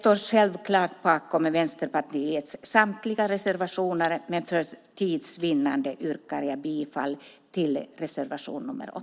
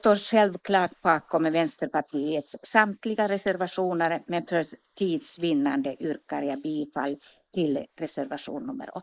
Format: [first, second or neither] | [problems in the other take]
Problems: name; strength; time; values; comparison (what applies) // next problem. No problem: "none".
first | noise reduction (neural mask model Resemble Enhance denoiser)